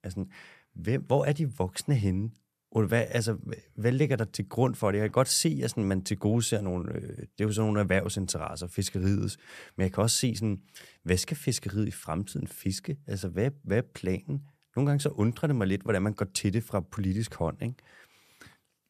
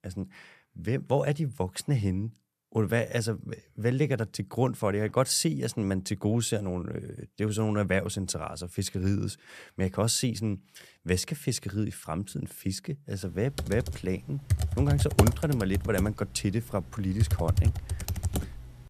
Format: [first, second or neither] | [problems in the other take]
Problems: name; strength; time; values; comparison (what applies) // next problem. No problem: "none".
first | keyboard typing; loud; from 14 s on; peak 6 dB above the speech